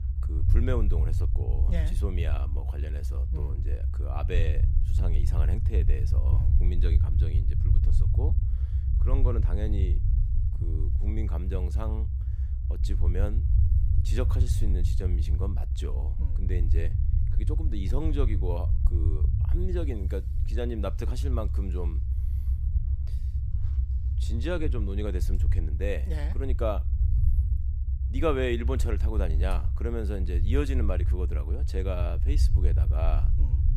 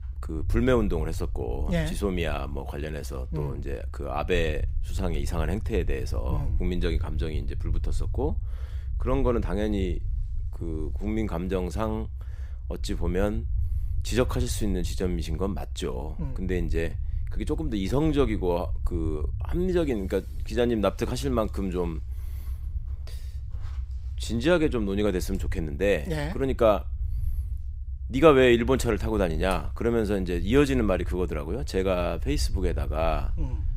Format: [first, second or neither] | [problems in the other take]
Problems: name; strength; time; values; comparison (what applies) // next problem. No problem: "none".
second | low rumble; loud; throughout; 8 dB below the speech; faint in the second